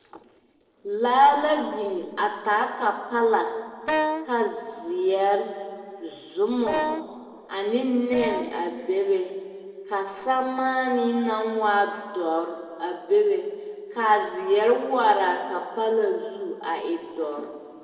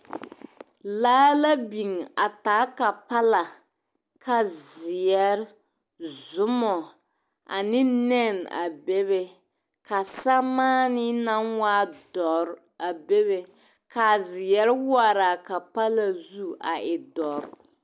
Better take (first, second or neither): second